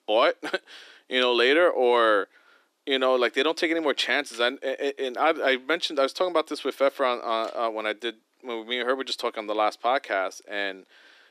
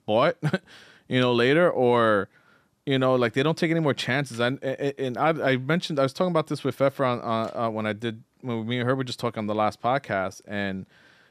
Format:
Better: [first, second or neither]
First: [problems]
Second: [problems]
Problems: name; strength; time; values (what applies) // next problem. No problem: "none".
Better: second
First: thin; somewhat; fading below 300 Hz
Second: none